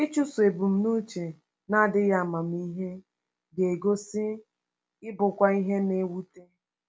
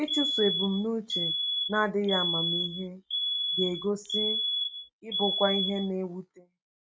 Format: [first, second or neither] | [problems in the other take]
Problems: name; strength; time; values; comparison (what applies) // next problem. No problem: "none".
first | noise reduction (neural mask model RNNoise)